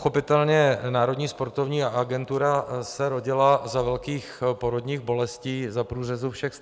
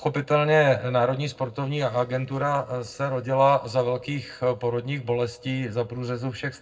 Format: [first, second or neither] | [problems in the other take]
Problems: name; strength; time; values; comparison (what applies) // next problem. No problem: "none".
first | noise reduction (neural separator model SepFormer DNS4)